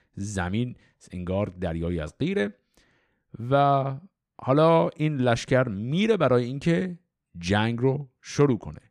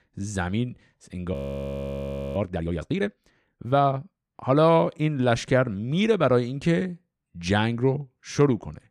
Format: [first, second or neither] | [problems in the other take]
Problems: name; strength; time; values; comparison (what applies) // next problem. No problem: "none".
first | audio freezing; at 1.5 s for 1 s